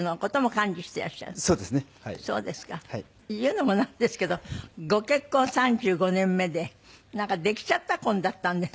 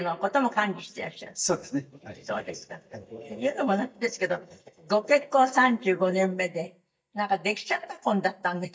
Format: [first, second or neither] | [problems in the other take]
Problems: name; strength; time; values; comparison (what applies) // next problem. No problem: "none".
first | noise reduction (neural mask model DeepFilterNet 3)